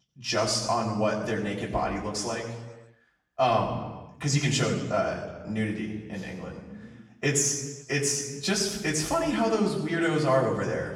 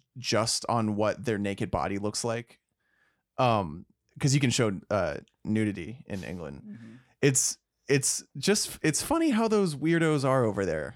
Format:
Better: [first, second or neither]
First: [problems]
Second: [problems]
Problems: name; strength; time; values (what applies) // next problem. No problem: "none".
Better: second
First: room echo; noticeable; dies away in 1.1 s // off-mic speech; far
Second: none